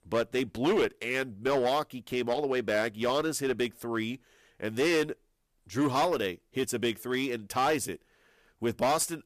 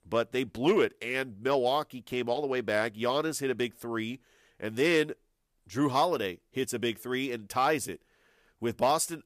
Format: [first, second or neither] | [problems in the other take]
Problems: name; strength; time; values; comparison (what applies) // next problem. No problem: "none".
second | distortion; slight; 6% of the sound clipped